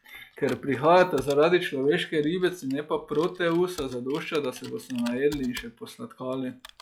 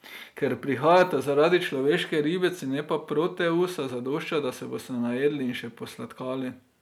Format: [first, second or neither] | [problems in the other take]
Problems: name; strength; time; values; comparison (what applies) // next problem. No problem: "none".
second | noise reduction (classical method log-MMSE)